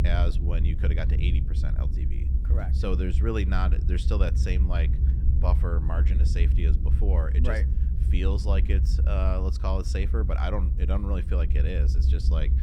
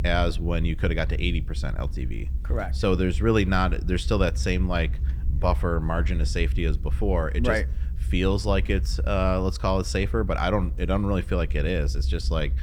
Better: second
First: low rumble; loud; throughout; 7 dB below the speech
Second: low rumble; faint; throughout; 20 dB below the speech

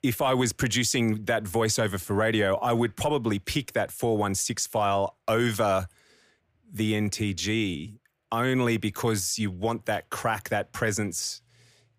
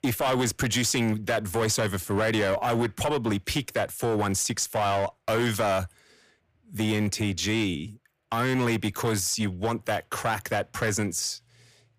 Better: first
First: none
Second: distortion; slight; 12% of the sound clipped

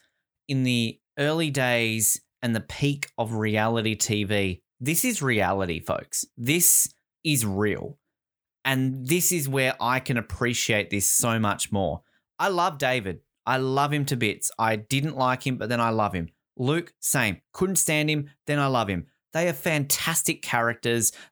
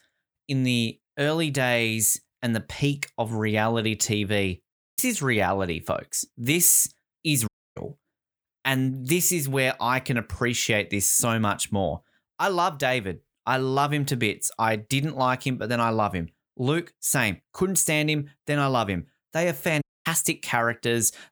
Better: first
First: none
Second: audio cutting out; at 4.5 s, at 7.5 s and at 20 s

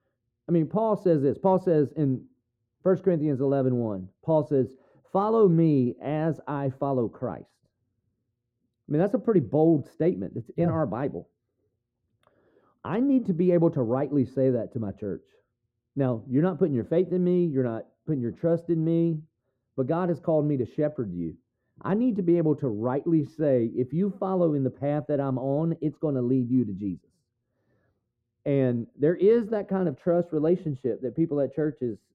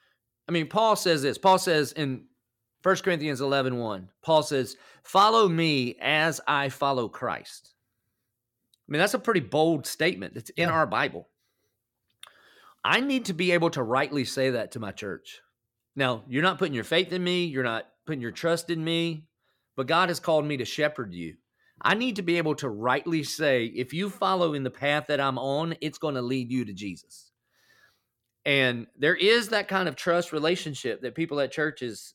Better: second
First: muffled; very; fading above 1 kHz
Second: none

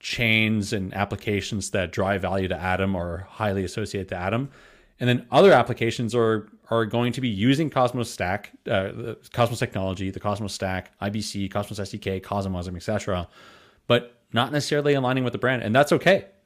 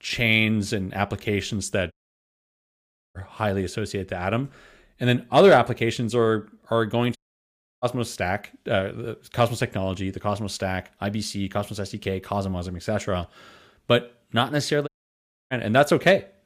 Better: first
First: none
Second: audio cutting out; at 2 s for 1 s, at 7 s for 0.5 s and at 15 s for 0.5 s

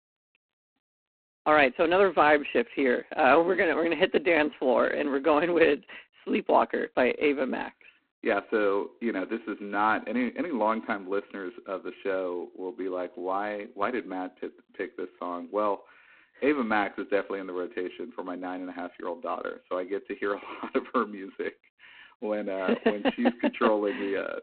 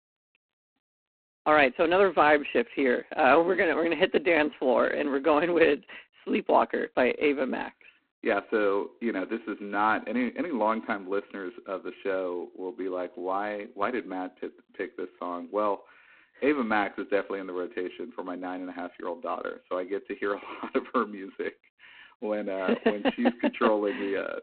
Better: neither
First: phone-call audio; poor line; nothing above 4 kHz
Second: phone-call audio; poor line; nothing above 4 kHz

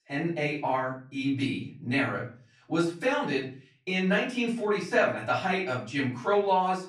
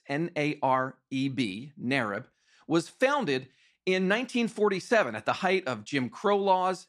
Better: second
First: room echo; slight; dies away in 0.4 s // off-mic speech; far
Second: none

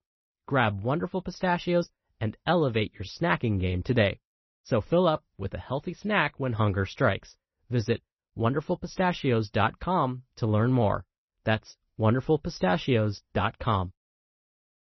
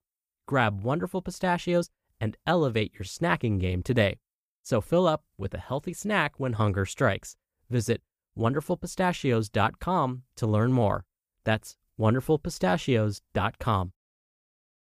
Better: second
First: garbled, watery; slightly; nothing above 6 kHz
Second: none

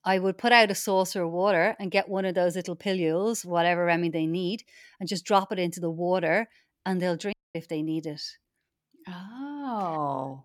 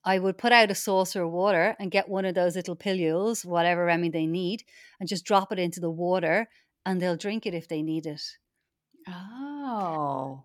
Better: second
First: audio cutting out; at 7.5 s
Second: none

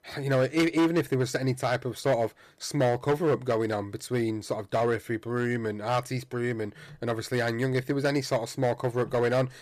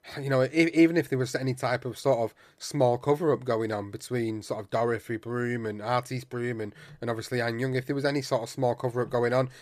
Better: second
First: distortion; slight; 5% of the sound clipped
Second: none

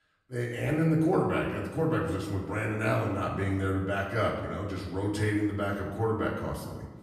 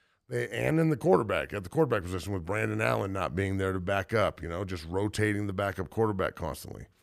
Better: second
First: off-mic speech; far // room echo; noticeable; dies away in 1.2 s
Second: none

